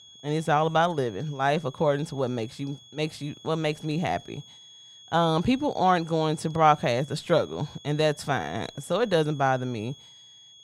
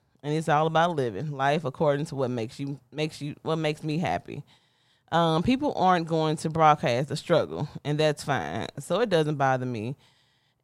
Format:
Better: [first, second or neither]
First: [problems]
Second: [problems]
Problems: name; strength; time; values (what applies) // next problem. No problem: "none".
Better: second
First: high-pitched whine; faint; throughout; 3.5 kHz, 20 dB below the speech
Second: none